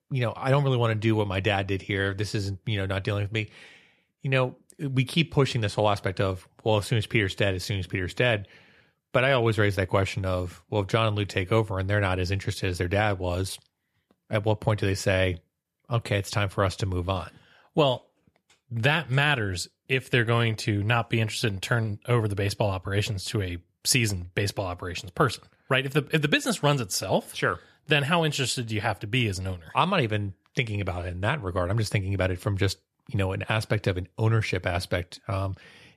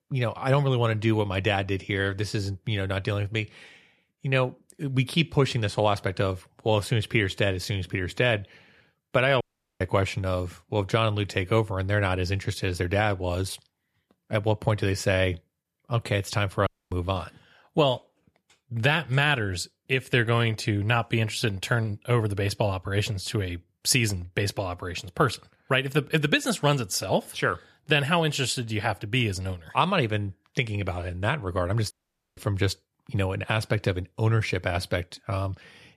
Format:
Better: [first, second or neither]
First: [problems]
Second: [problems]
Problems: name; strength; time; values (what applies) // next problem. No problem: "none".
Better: first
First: none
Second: audio cutting out; at 9.5 s, at 17 s and at 32 s